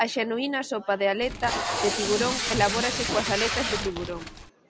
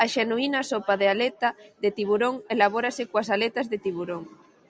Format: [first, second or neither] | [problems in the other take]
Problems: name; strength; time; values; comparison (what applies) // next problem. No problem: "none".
second | background sound (Packing tape, duct tape); 2 dB below the speech